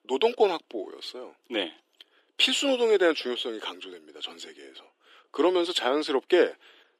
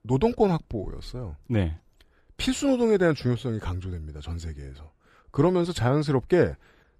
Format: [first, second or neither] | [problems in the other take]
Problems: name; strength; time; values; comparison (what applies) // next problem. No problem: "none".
second | thin; somewhat; fading below 300 Hz